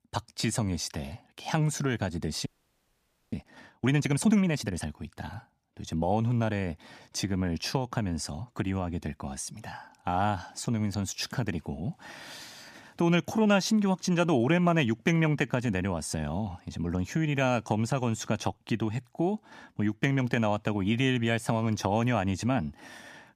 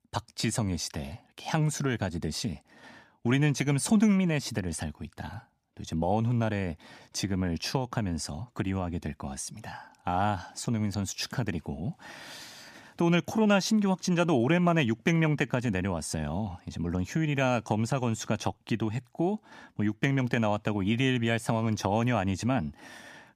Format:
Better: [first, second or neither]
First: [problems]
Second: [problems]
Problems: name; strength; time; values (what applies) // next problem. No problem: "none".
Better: second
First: audio freezing; at 2.5 s for 1 s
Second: none